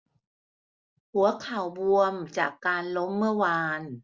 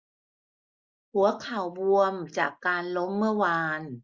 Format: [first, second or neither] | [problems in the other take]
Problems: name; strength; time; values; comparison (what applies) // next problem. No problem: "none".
first | noise reduction (neural mask model Resemble Enhance denoiser)